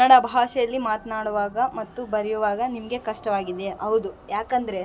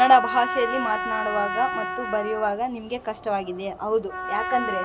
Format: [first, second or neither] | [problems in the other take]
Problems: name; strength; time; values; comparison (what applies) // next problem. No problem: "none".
first | background sound (Trumpet); 6 dB below the speech